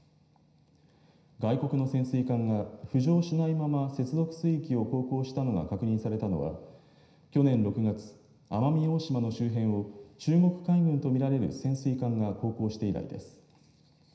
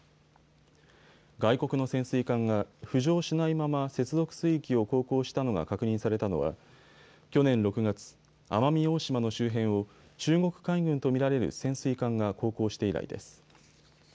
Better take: second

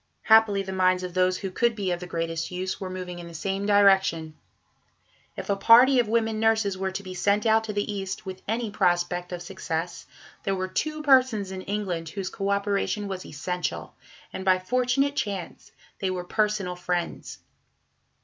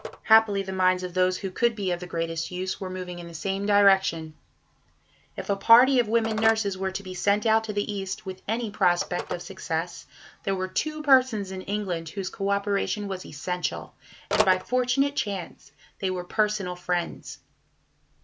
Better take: first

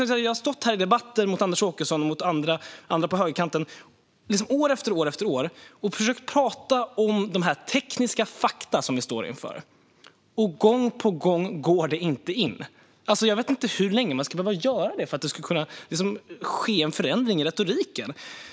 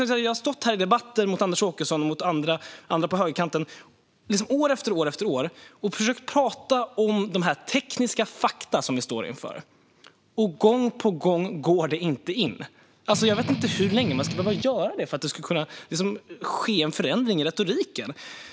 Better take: first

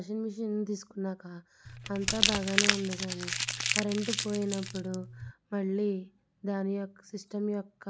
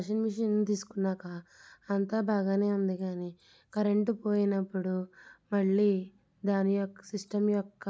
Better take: second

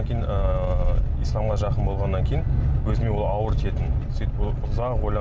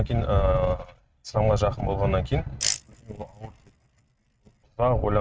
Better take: first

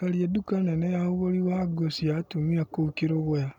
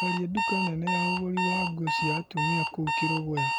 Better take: first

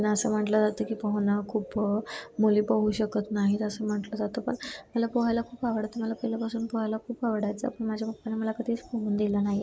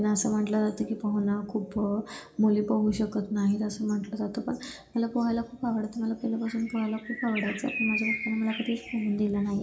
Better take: first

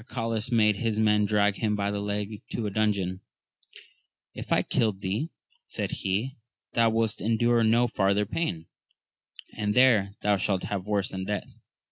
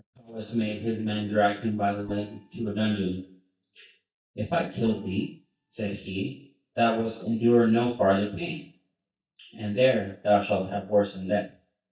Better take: first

